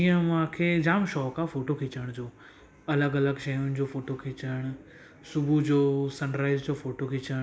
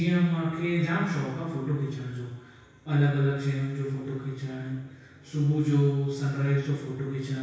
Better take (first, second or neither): first